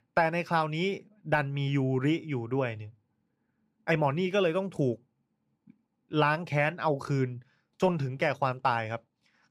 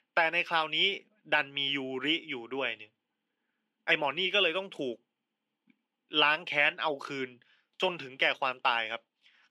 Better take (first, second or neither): first